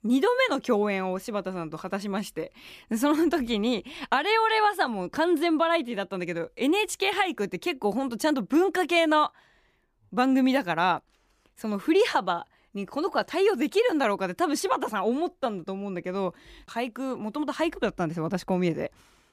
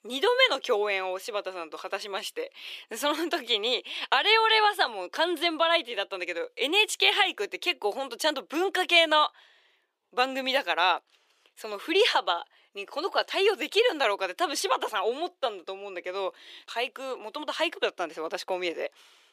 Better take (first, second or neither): first